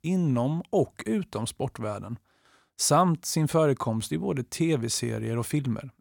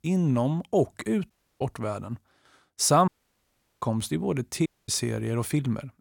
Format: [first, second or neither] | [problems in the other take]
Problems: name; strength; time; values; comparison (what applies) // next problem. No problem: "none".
first | audio cutting out; at 1.5 s, at 3 s for 0.5 s and at 4.5 s